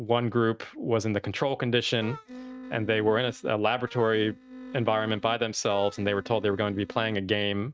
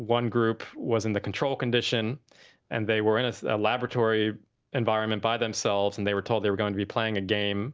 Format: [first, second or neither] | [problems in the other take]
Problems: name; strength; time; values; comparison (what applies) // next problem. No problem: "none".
second | noise reduction (neural mask model RNNoise)